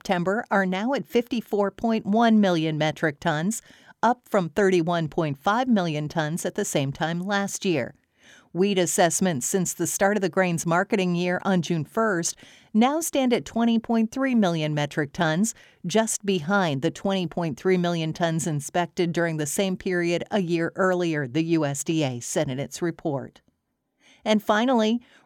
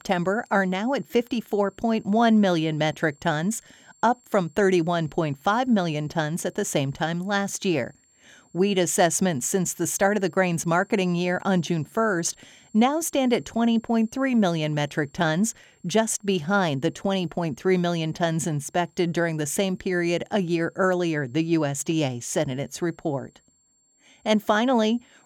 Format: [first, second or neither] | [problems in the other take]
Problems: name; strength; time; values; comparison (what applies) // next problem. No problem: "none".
first | high-pitched whine; faint; throughout; 7.5 kHz, 35 dB below the speech